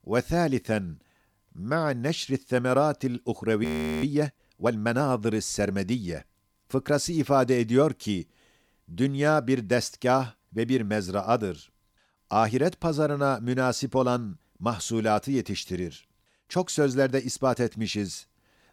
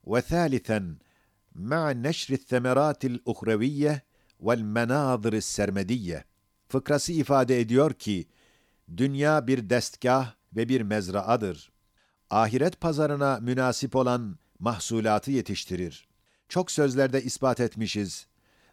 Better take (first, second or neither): second